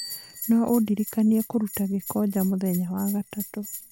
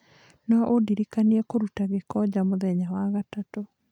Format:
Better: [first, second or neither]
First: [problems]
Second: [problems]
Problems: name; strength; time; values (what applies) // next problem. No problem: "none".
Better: second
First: background sound (Bicycle bell + Bell); 14 dB below the speech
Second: none